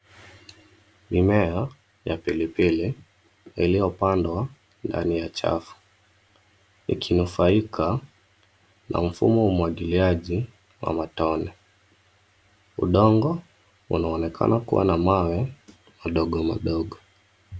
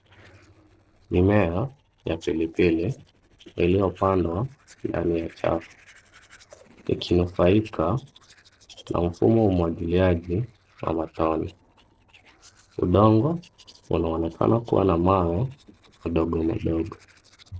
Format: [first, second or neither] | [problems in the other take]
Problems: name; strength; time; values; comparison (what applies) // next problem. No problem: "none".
first | noise reduction (neural separator model SepFormer DNS4)